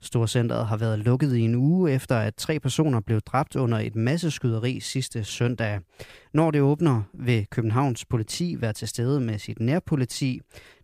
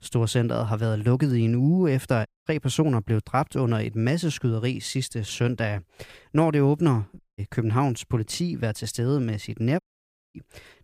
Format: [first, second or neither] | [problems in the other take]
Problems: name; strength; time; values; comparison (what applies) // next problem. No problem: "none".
first | audio cutting out; at 2.5 s, at 7 s and at 10 s for 0.5 s